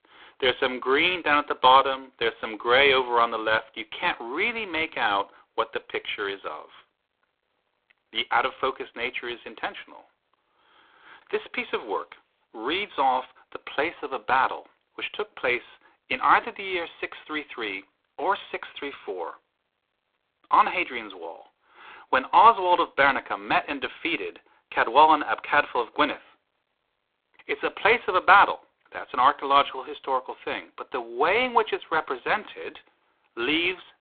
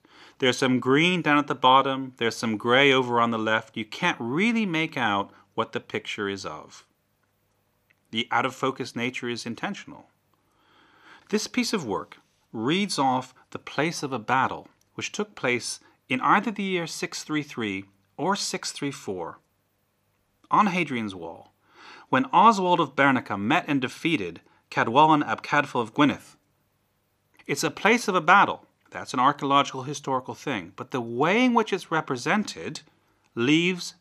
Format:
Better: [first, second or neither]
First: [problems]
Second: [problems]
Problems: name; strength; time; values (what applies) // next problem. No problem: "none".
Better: second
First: phone-call audio; poor line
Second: none